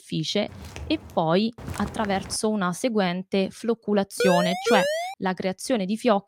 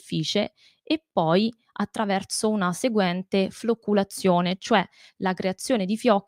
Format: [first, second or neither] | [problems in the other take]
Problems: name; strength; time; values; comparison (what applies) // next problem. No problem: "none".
second | footsteps; faint; at 0.5 s and at 1.5 s; peak 10 dB below the speech // siren; loud; at 4 s; peak 2 dB above the speech